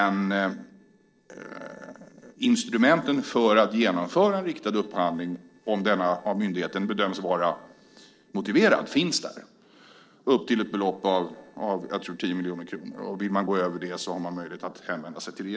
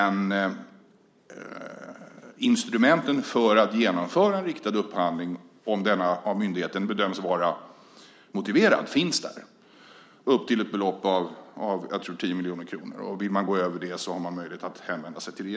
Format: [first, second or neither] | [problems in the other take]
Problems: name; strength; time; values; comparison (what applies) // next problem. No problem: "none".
second | noise reduction (neural separator model SepFormer DNS4)